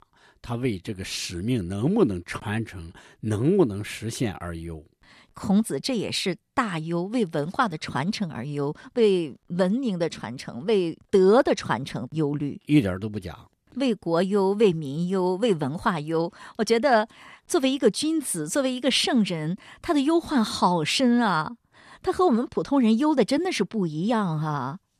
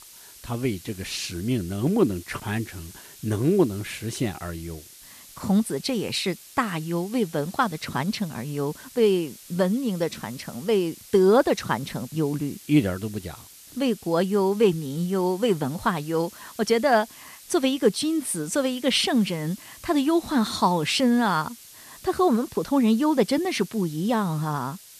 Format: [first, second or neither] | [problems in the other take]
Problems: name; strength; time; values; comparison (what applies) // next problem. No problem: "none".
first | hiss; noticeable; throughout; 20 dB below the speech